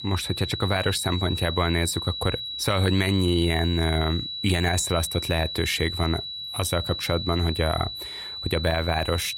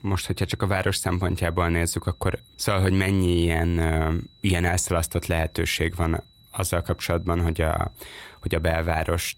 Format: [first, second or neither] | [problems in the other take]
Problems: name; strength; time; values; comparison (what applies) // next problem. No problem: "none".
second | high-pitched whine; loud; throughout; 4 kHz, 5 dB below the speech; faint in the second